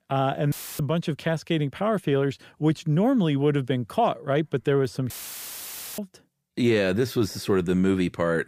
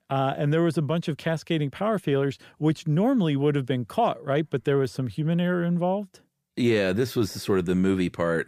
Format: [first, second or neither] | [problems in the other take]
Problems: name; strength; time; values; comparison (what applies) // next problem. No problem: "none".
second | audio cutting out; filled with static; at 0.5 s and at 5 s for 1 s